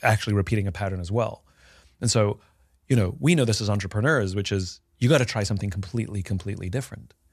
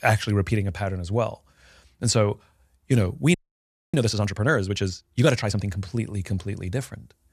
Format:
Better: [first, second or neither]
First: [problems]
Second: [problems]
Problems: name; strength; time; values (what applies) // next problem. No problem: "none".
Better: first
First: none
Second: audio freezing; at 3.5 s for 0.5 s